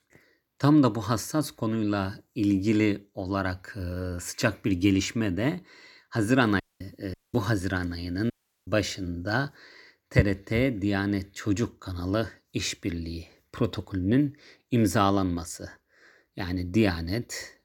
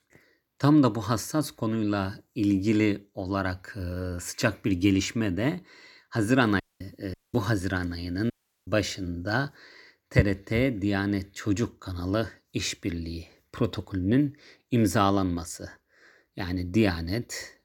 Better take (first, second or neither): neither